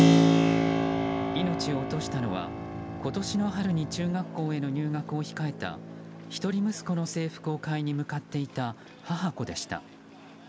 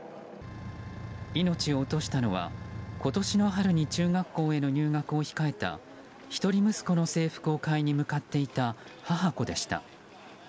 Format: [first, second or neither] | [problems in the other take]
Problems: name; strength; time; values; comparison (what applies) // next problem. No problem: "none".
second | background sound (Keyboard (musical)); 2 dB above the speech